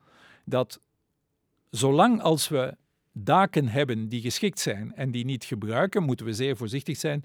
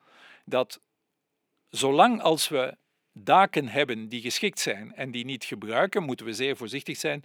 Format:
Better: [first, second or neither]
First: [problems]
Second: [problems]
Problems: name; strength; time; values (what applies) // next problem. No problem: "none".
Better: first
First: none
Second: thin; somewhat; fading below 250 Hz